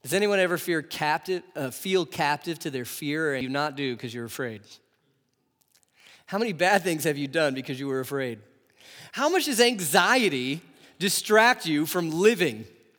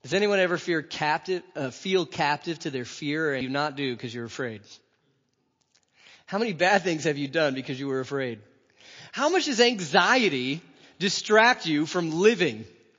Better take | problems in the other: first | garbled, watery; slightly

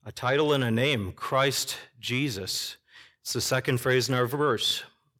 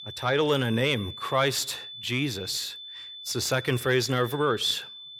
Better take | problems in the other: first | high-pitched whine; noticeable; throughout; 3.5 kHz, 10 dB below the speech

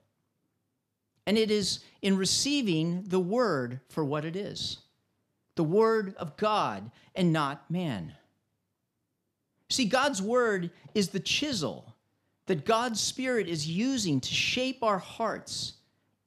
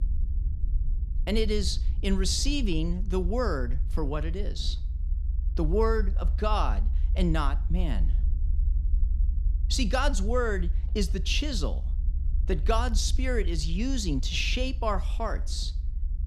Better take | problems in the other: first | low rumble; faint; throughout; 20 dB below the speech

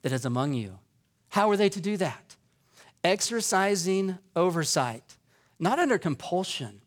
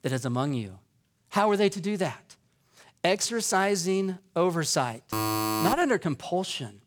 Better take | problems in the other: first | alarm; loud; at 5 s; peak level with the speech

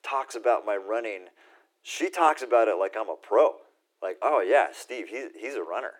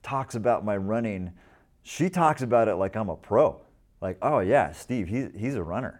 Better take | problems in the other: second | thin; very; fading below 300 Hz

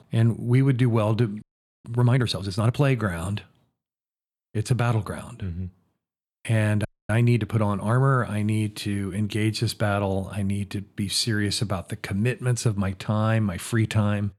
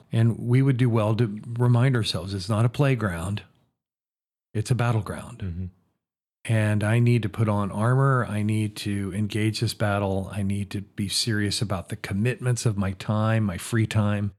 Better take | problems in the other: second | audio freezing; at 1.5 s and at 7 s

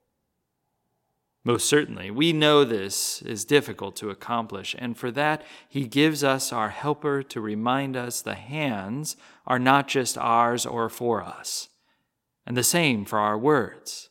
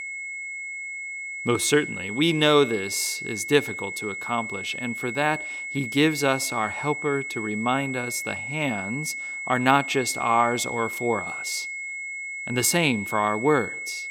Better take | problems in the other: first | high-pitched whine; loud; throughout; 2 kHz, 6 dB below the speech

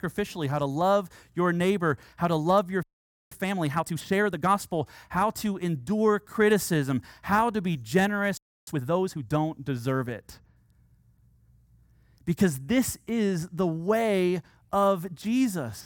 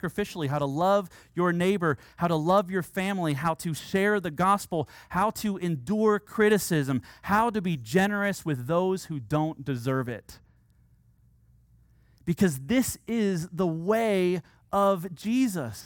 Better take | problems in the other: second | audio freezing; at 3 s and at 8.5 s

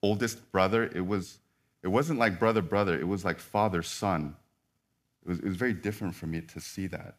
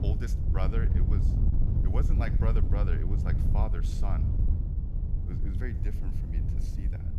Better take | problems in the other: first | wind noise on the microphone; heavy; 3 dB below the speech

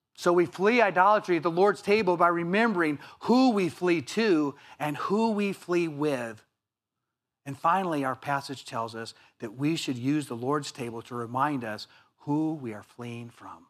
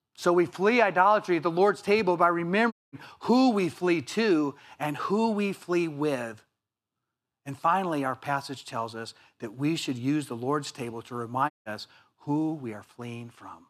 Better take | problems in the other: first | audio cutting out; at 2.5 s and at 12 s

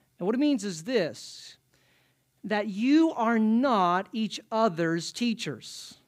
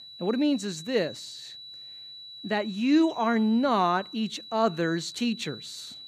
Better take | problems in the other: first | high-pitched whine; noticeable; throughout; 4 kHz, 15 dB below the speech

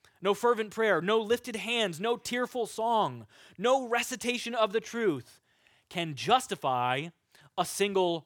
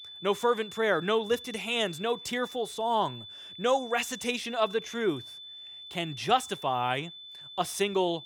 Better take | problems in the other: first | high-pitched whine; noticeable; throughout; 3.5 kHz, 15 dB below the speech

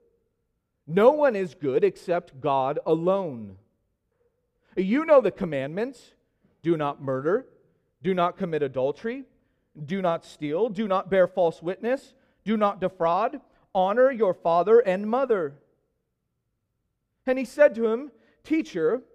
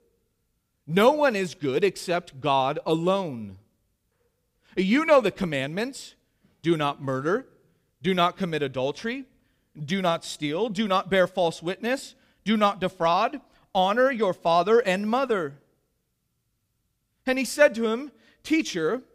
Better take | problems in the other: second | muffled; slightly; fading above 2.5 kHz

